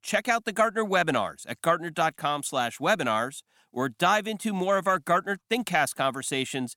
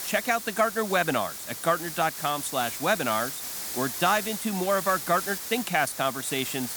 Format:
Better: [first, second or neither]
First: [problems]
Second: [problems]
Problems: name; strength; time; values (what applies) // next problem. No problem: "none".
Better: first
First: none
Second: hiss; loud; throughout; 6 dB below the speech